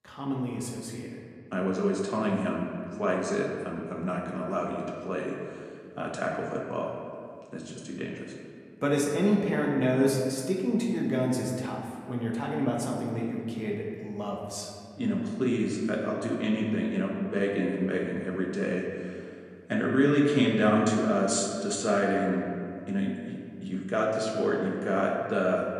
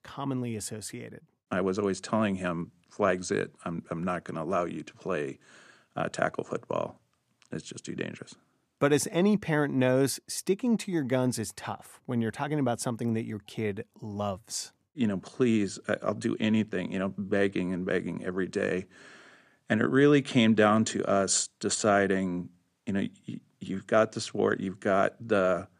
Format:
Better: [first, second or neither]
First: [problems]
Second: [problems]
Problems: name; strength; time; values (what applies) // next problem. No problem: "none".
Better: second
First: room echo; noticeable; dies away in 1.9 s // off-mic speech; somewhat distant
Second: none